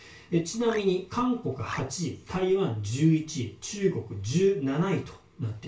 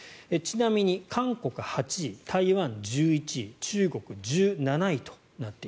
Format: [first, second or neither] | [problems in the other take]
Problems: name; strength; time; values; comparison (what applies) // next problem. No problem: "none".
second | background sound (Marimba, xylophone); 12 dB below the speech // room echo; dies away in 0.2 s